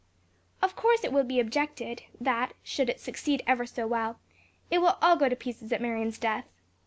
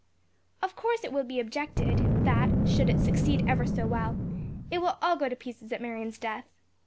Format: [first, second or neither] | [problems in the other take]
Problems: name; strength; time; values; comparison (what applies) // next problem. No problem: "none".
first | background sound (Boom); 4 dB above the speech